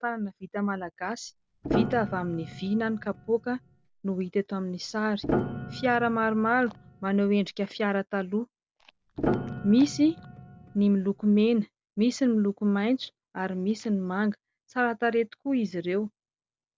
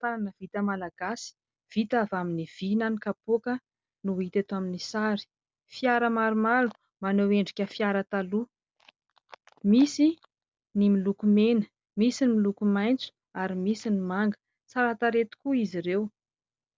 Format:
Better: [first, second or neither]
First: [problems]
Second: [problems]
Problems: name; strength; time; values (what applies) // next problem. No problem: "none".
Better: second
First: background sound (Piano); 7 dB below the speech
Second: none